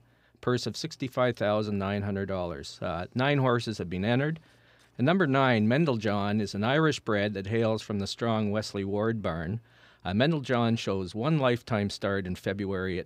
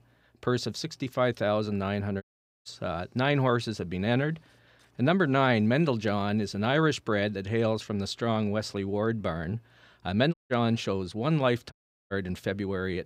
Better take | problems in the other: first | audio cutting out; at 2 s, at 10 s and at 12 s

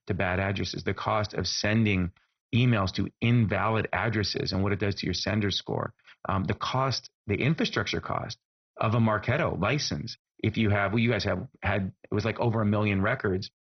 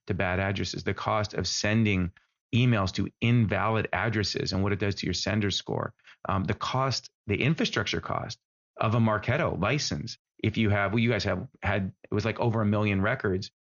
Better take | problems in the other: second | garbled, watery; badly; nothing above 6 kHz; slightly in the second

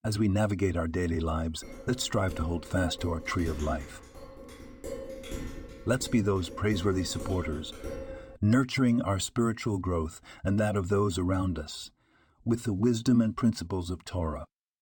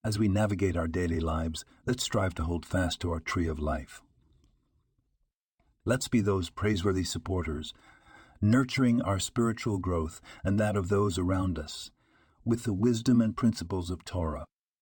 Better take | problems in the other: second | clattering dishes; faint; from 1.5 to 8.5 s; peak 10 dB below the speech

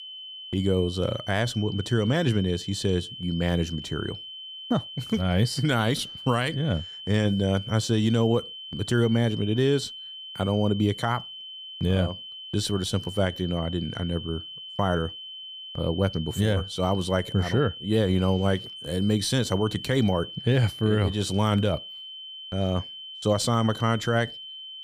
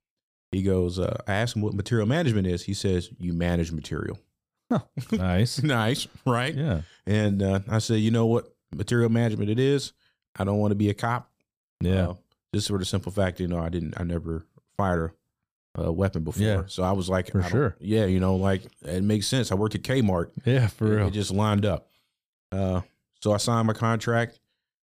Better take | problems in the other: second | high-pitched whine; noticeable; throughout; 3 kHz, 10 dB below the speech

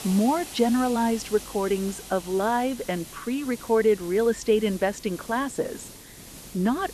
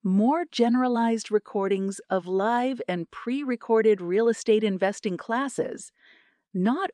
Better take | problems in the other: second | hiss; noticeable; throughout; 15 dB below the speech

